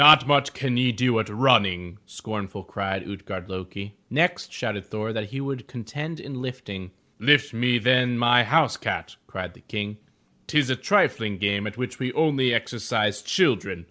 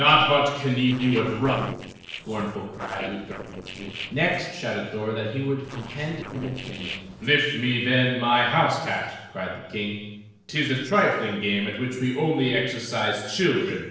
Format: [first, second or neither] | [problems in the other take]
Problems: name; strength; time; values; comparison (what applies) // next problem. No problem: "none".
first | noise reduction (neural separator model SepFormer DNS4)